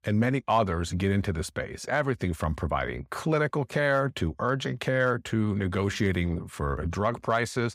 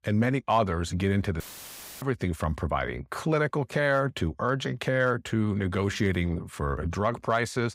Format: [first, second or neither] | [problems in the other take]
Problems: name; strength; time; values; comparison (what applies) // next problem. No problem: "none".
first | audio cutting out; filled with static; at 1.5 s for 0.5 s